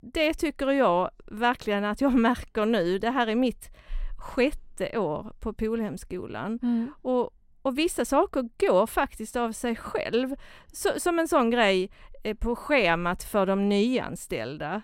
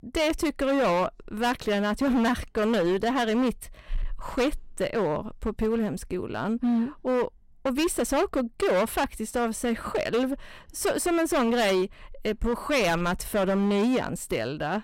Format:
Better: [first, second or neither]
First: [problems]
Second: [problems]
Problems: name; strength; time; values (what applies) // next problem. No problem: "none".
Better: first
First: none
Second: distortion; heavy; 15% of the sound clipped